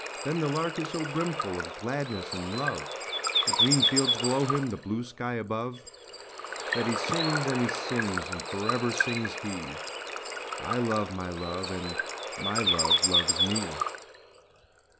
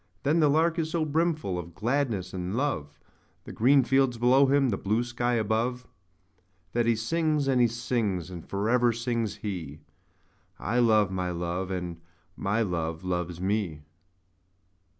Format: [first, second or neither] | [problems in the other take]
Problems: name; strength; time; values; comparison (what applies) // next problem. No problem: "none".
second | background sound (Water / Bird); 1 dB above the speech